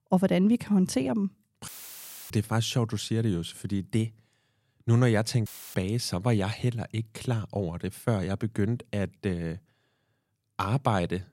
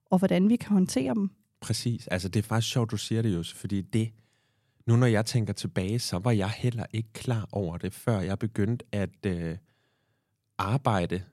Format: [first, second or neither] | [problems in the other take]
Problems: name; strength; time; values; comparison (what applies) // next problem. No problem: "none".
second | audio cutting out; filled with static; at 1.5 s for 0.5 s and at 5.5 s